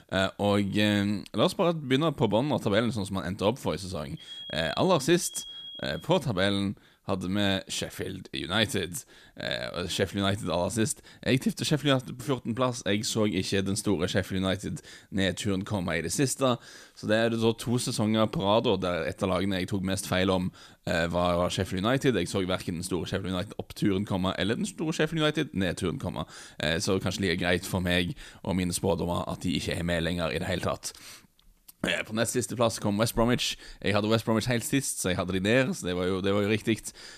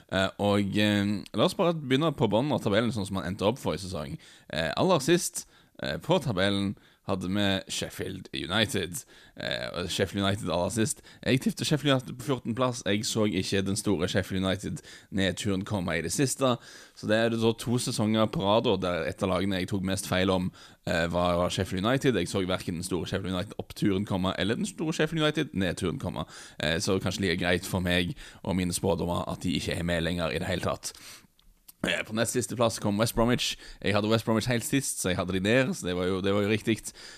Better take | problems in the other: second | alarm; faint; from 4 to 6 s; peak 10 dB below the speech

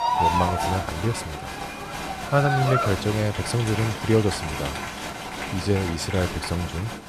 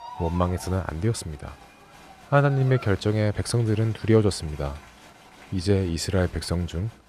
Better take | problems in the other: second | crowd noise; loud; throughout; 3 dB below the speech; faint in the second

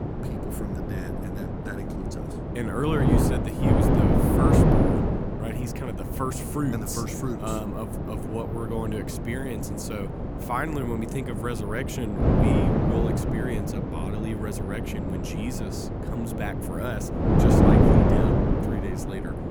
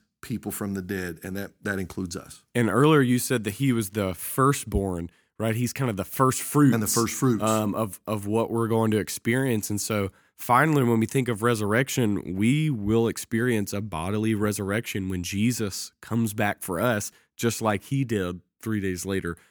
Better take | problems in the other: second | wind noise on the microphone; heavy; 4 dB above the speech

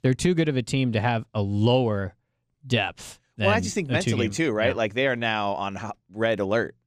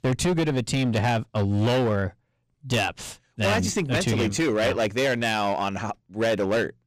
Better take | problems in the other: first | distortion; heavy; 17% of the sound clipped

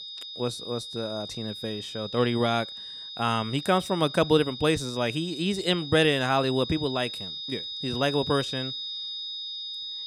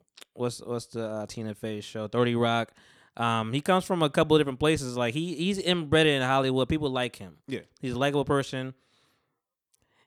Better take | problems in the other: second | high-pitched whine; loud; throughout; 3.5 kHz, 8 dB below the speech

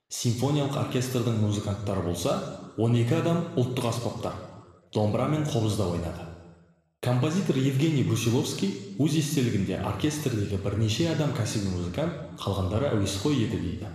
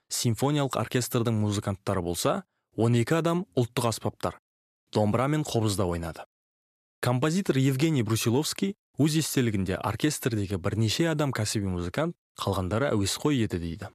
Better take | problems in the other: second | room echo; noticeable; dies away in 1.1 s

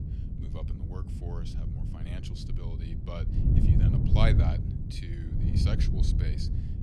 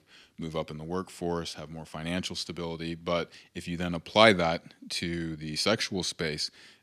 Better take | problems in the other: second | wind noise on the microphone; heavy; 1 dB below the speech

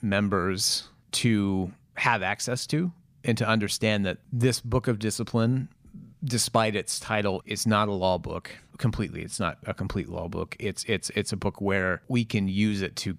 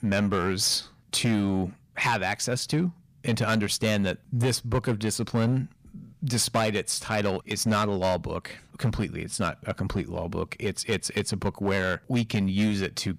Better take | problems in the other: first | distortion; slight; 6% of the sound clipped

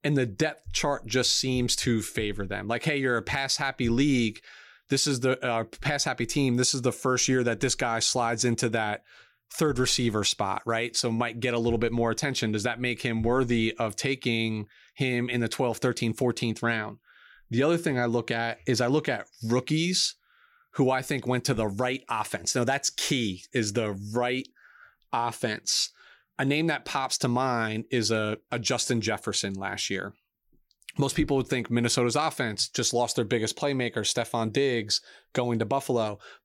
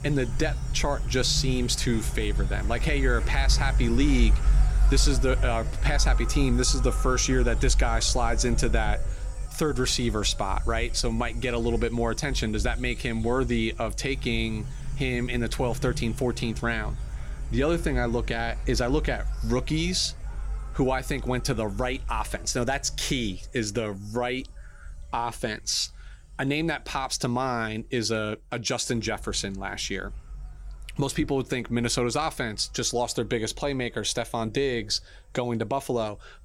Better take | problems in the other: first | animal sounds; loud; throughout; 4 dB below the speech

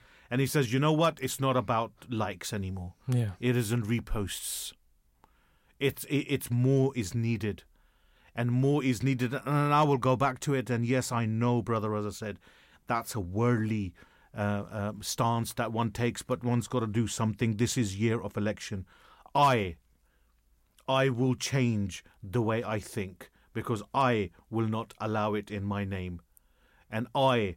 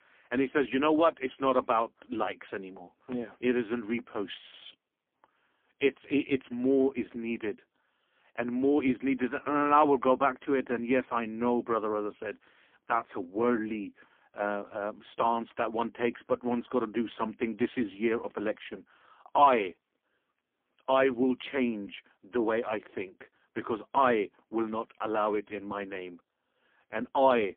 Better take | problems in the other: first | phone-call audio; poor line; nothing above 3.5 kHz

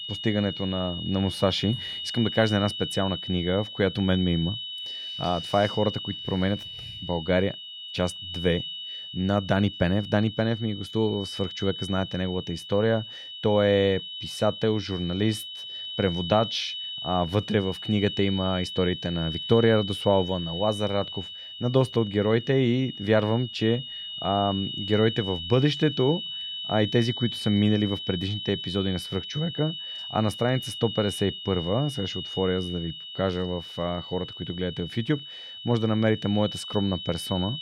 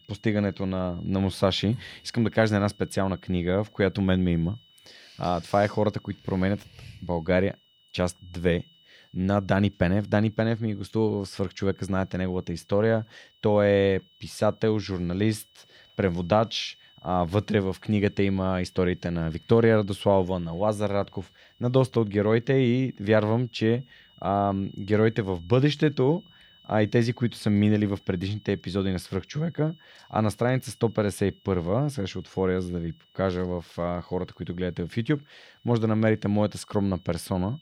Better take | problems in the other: second | high-pitched whine; loud; throughout; 3 kHz, 8 dB below the speech; faint in the second

